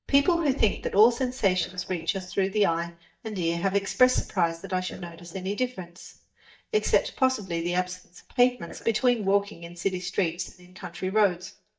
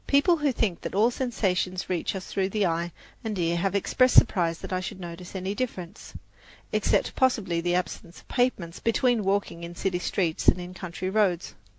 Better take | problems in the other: second | noise reduction (neural mask model DeepFilterNet 3)

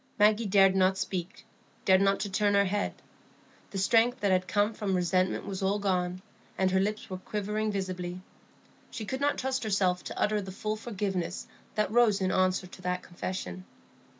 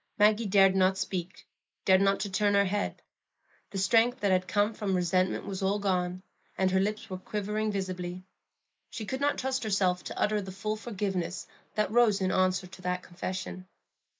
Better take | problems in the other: first | noise reduction (neural mask model Resemble Enhance denoiser)

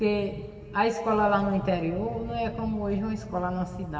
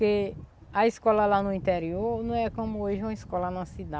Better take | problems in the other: second | room echo; dies away in 2.6 s

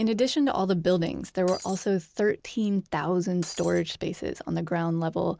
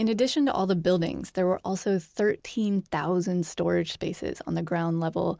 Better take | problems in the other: second | background sound (Shatter); 16 dB below the speech

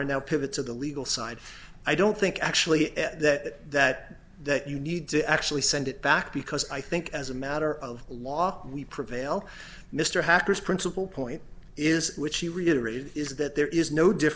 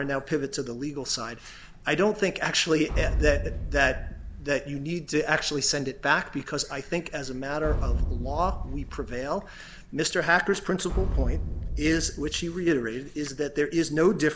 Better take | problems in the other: first | background sound (Boom); 2 dB below the speech

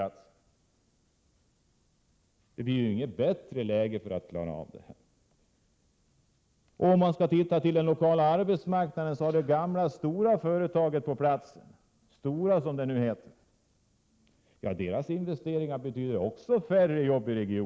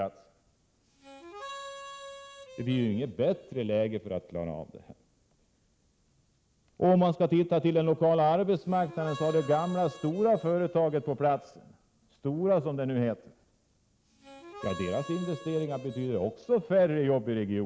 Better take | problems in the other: first | background sound (Harmonica); 17 dB below the speech

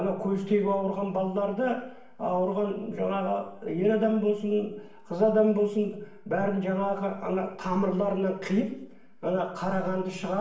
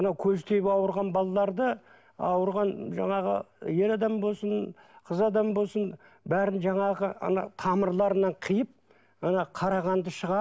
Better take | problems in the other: second | room echo; dies away in 0.8 s

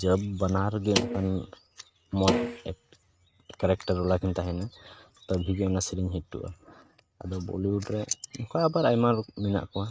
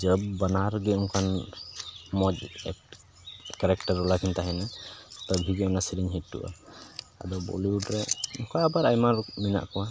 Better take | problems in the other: second | noise reduction (neural mask model RNNoise)

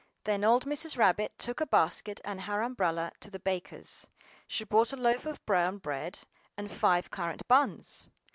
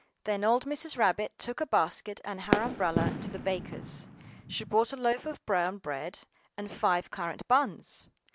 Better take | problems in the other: first | background sound (Fireworks); 2 dB below the speech

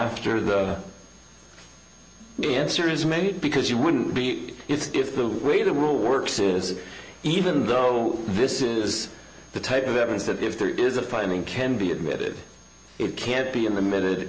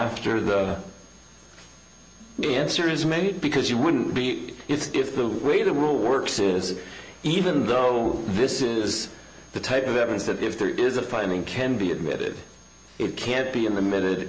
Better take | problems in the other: first | background sound (Bowed string instrument); 17 dB below the speech

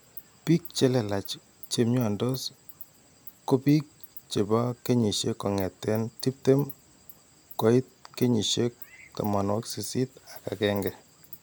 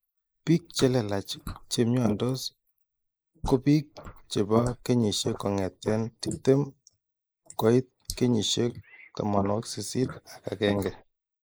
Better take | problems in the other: first | noise reduction (neural mask model Resemble Enhance denoiser)

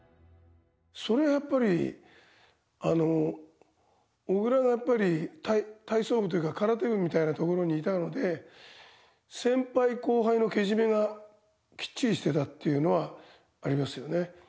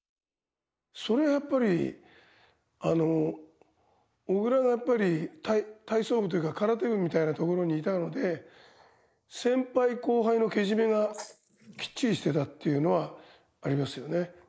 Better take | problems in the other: first | noise reduction (neural mask model Resemble Enhance denoiser)

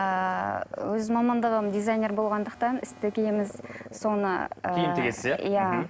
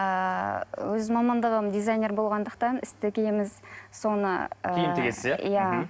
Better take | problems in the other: second | background sound (Alarm + Growling); 20 dB below the speech

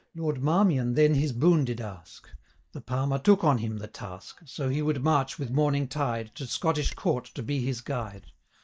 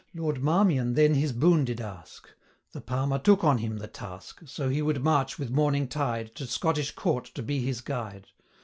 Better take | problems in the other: second | noise reduction (neural mask model DeepFilterNet 3)

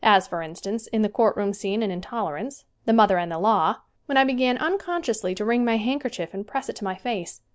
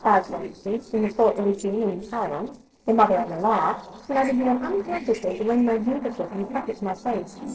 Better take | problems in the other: first | noise reduction (neural separator model SepFormer DNS4)

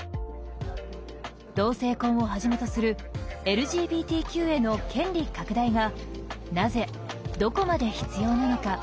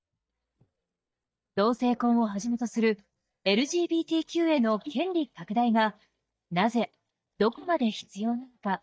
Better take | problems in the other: first | noise reduction (neural mask model DeepFilterNet 3)

